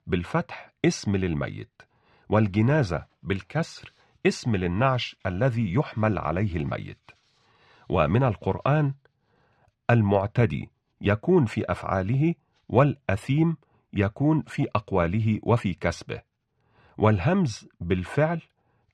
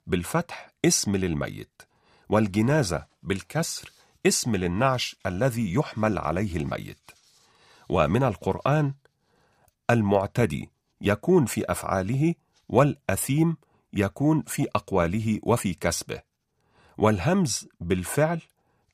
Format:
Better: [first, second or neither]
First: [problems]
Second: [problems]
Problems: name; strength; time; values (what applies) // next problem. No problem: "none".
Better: second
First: muffled; slightly; fading above 3 kHz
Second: none